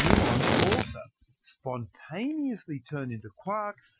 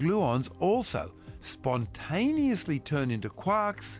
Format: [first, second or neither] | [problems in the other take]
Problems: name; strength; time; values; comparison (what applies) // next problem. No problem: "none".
second | noise reduction (classical method Wiener filter)